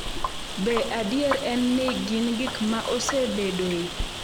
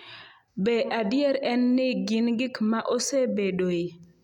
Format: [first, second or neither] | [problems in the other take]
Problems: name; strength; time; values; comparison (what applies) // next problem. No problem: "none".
second | background sound (Sink (filling or washing) + Rain); 5 dB below the speech